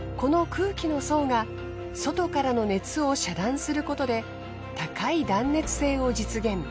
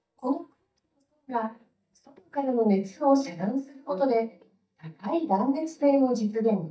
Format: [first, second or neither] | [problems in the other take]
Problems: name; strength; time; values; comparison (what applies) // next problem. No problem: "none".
first | noise reduction (neural mask model DeepFilterNet 3)